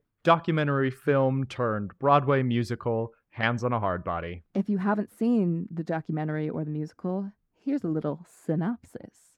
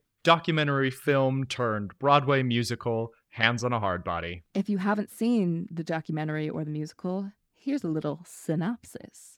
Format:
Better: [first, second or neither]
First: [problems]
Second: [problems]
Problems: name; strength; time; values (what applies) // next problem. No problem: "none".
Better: second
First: muffled; slightly; fading above 2 kHz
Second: none